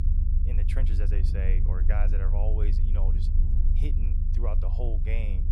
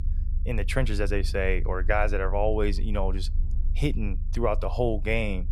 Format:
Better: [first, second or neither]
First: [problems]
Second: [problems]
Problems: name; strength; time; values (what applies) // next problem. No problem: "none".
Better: second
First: low rumble; loud; throughout; 5 dB below the speech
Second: low rumble; faint; throughout; 25 dB below the speech